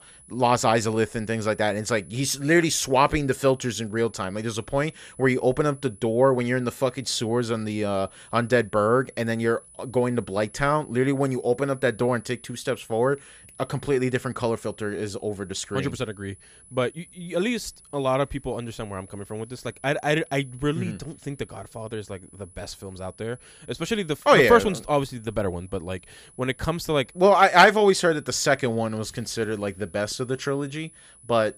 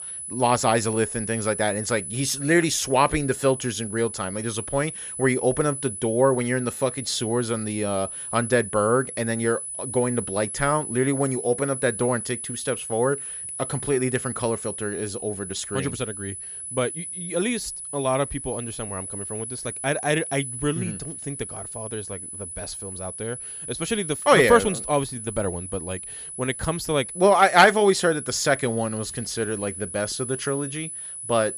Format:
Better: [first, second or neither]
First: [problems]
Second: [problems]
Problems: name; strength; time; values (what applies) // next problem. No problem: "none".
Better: first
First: high-pitched whine; faint; throughout; 10 kHz, 25 dB below the speech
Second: high-pitched whine; loud; throughout; 10 kHz, 8 dB below the speech